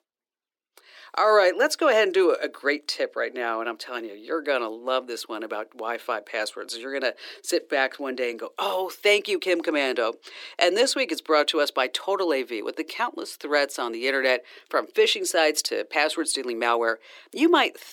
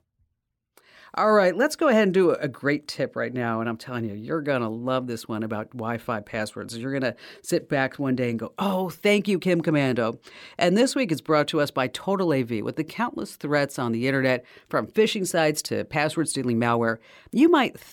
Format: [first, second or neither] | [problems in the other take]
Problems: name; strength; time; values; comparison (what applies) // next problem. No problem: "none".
second | thin; somewhat; fading below 300 Hz